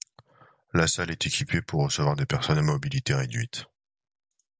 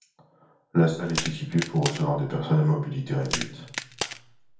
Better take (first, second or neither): first